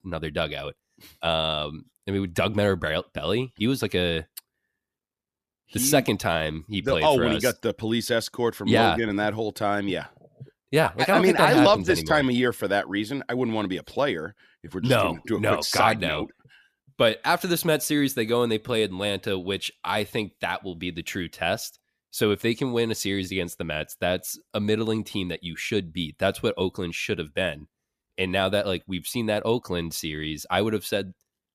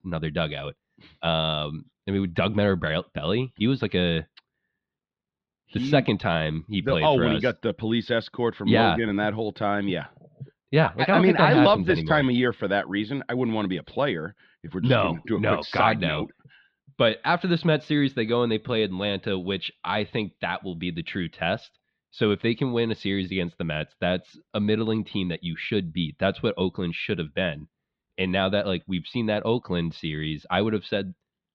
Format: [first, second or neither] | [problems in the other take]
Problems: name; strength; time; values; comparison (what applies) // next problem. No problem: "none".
first | muffled; slightly; fading above 4 kHz